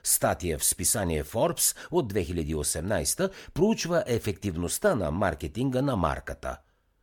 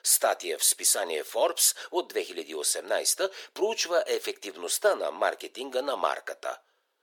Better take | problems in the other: first | thin; very; fading below 400 Hz

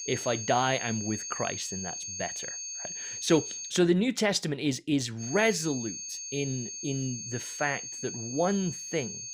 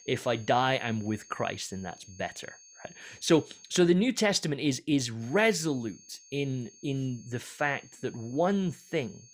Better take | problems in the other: second | high-pitched whine; loud; until 3.5 s and from 5 s on; 6.5 kHz, 6 dB below the speech; faint in the second

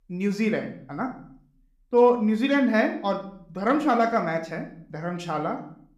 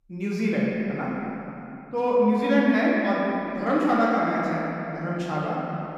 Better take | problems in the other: first | room echo; strong; dies away in 2.9 s; slight in the first // off-mic speech; far

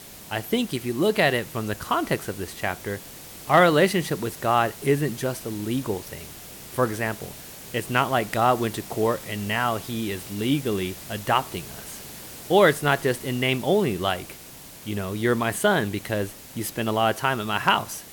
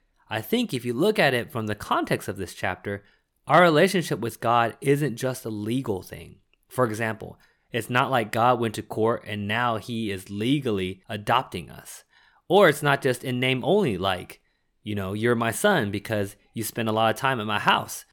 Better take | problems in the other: second | hiss; noticeable; throughout; 15 dB below the speech

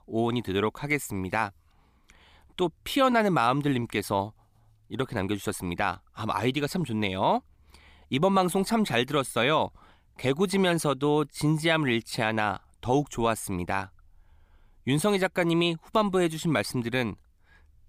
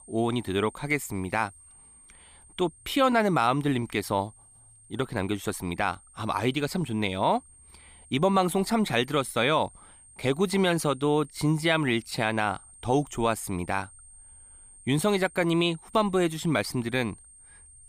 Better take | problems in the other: first | high-pitched whine; faint; throughout; 8.5 kHz, 25 dB below the speech

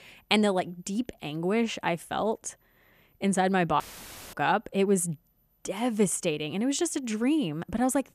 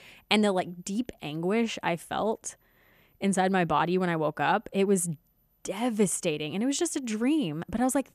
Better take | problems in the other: second | audio cutting out; filled with static; at 4 s for 0.5 s

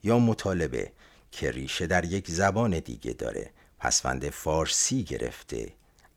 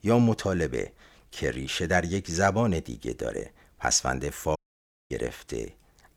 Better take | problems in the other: first | audio cutting out; at 4.5 s for 0.5 s

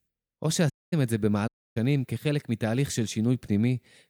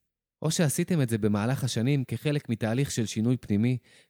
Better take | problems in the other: second | audio cutting out; at 0.5 s and at 1.5 s

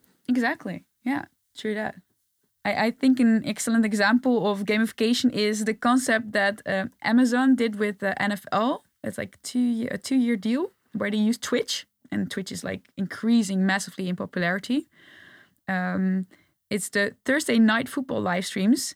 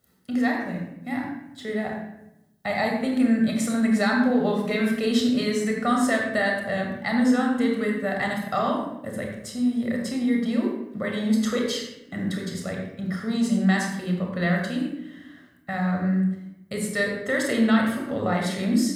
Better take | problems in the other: first | room echo; noticeable; dies away in 0.7 s // off-mic speech; somewhat distant

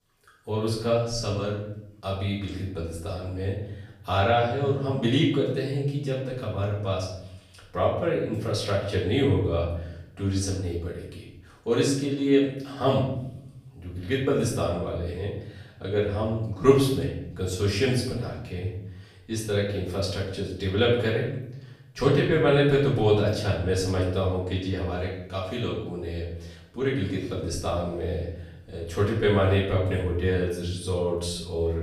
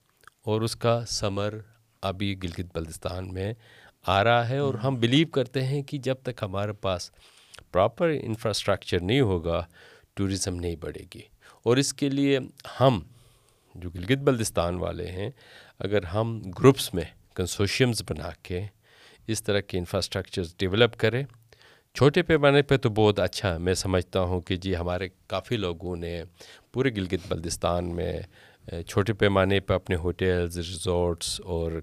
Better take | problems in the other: second | off-mic speech; far // room echo; noticeable; dies away in 0.8 s

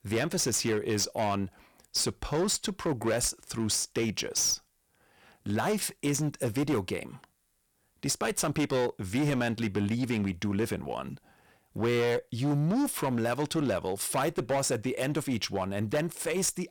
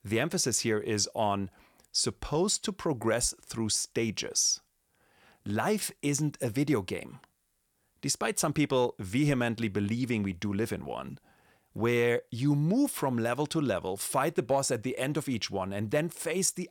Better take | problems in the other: second | distortion; slight; 12% of the sound clipped

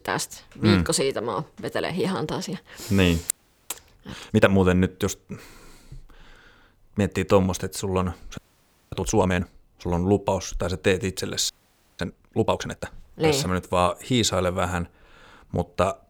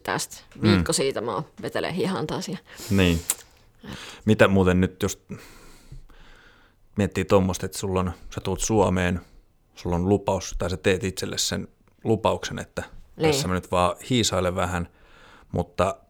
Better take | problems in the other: second | audio freezing; at 3.5 s, at 8.5 s for 0.5 s and at 12 s

